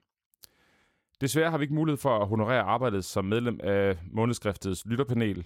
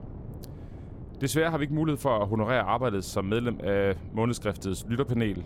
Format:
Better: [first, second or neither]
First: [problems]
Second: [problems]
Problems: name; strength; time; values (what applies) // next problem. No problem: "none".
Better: first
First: none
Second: wind noise on the microphone; occasional gusts; 25 dB below the speech